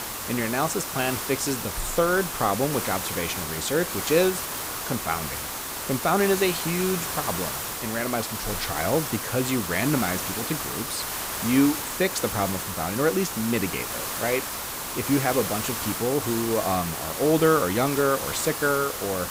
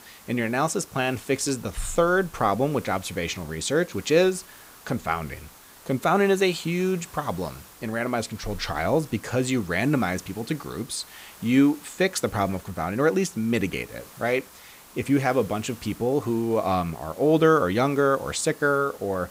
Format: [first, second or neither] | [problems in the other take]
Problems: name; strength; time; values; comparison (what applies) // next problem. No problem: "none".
second | hiss; loud; throughout; 3 dB below the speech; faint in the second